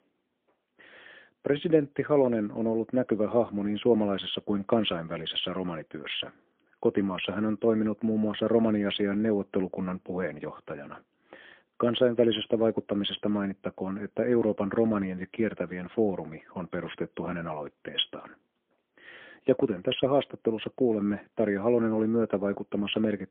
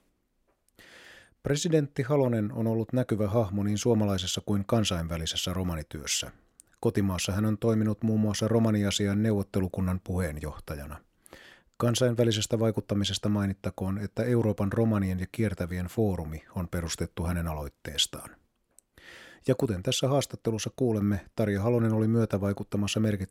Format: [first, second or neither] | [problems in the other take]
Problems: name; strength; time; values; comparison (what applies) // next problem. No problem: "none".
second | phone-call audio; poor line; nothing above 3.5 kHz